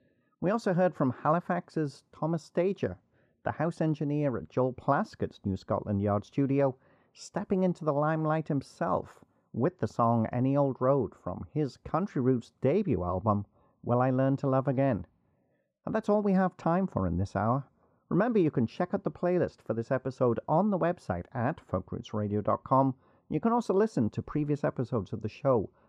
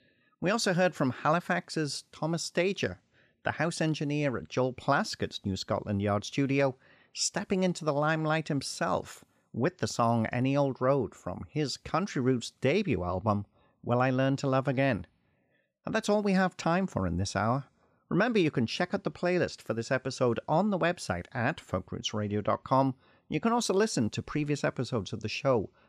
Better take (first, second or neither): second